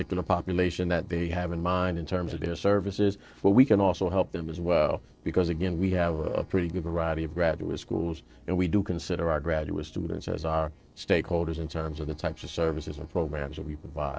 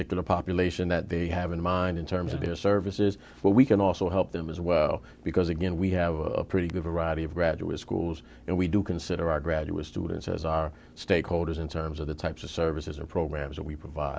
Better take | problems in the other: second | noise reduction (neural separator model SepFormer DNS4)

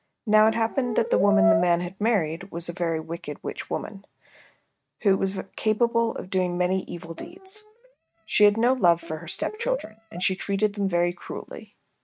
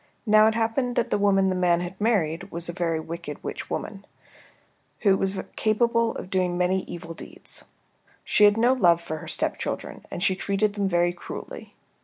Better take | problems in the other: second | noise reduction (neural mask model RNNoise)

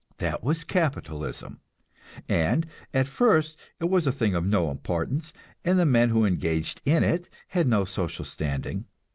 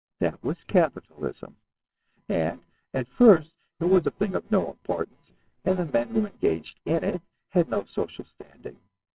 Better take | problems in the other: first | noise reduction (neural separator model SepFormer WHAMR!)

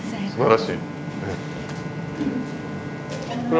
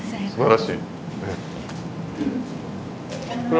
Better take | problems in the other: second | background sound (Bowed string instrument); 11 dB below the speech

